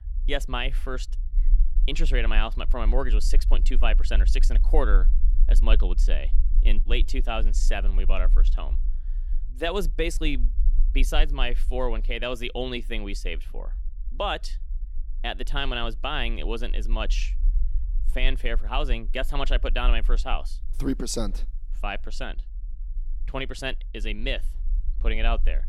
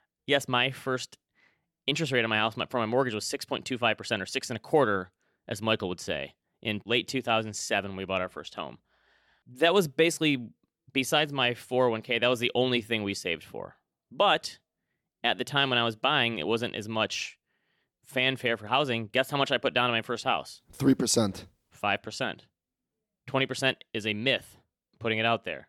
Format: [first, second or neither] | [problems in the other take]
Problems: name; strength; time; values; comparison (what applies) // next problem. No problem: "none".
second | low rumble; faint; throughout; 25 dB below the speech